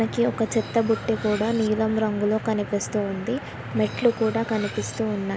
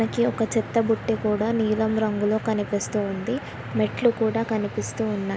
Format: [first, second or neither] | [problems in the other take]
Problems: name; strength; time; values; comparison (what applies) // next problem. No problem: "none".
second | background sound (Cutlery, silverware); 19 dB below the speech